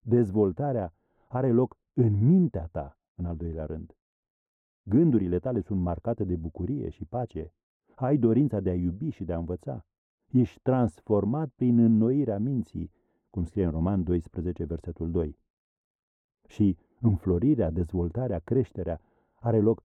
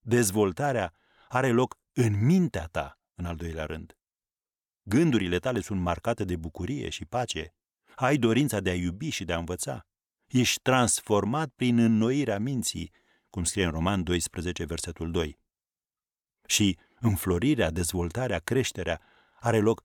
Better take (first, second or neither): second